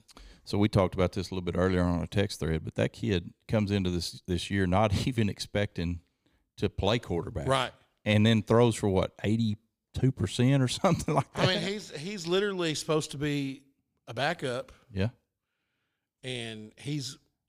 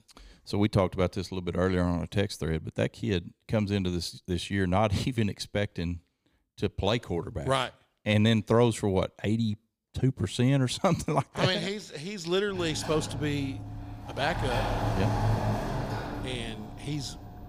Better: first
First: none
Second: door banging; loud; from 13 s on; peak 1 dB above the speech

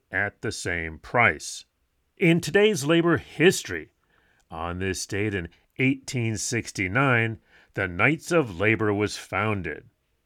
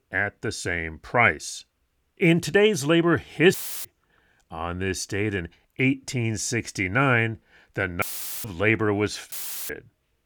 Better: first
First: none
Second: audio cutting out; filled with static; at 3.5 s, at 8 s and at 9.5 s

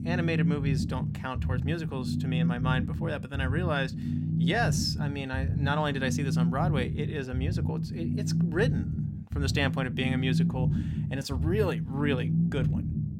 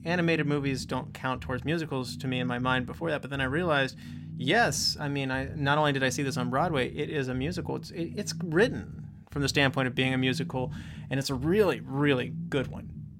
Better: second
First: low rumble; loud; throughout; 6 dB below the speech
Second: low rumble; faint; throughout; 20 dB below the speech

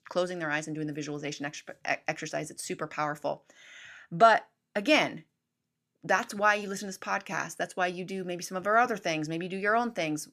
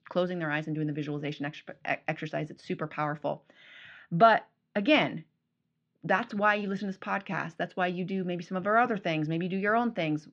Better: first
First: none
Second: muffled; slightly; fading above 3.5 kHz

